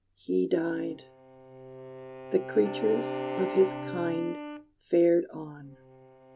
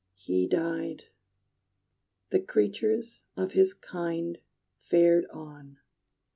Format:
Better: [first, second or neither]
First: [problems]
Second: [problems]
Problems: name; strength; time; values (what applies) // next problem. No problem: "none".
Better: second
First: background sound (Bowed string instrument + Wind instrument, woodwind instrument); 9 dB below the speech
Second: none